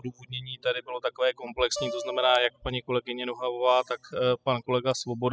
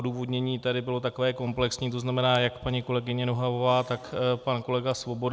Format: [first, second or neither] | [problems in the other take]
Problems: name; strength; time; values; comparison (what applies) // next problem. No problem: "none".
second | noise reduction (classical method spectral subtraction)